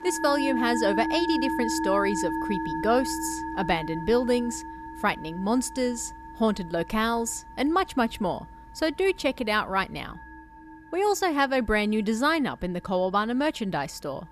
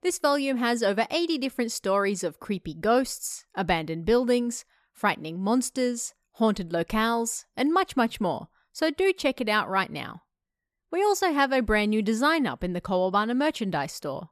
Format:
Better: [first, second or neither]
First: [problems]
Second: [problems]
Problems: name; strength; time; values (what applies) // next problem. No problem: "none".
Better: second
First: background music; loud; throughout; 5 dB below the speech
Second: none